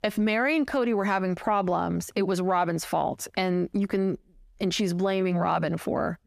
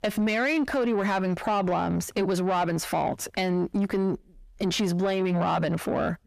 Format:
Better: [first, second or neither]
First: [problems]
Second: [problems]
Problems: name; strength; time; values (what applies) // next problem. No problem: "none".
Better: first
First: none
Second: distortion; slight; 10 dB below the speech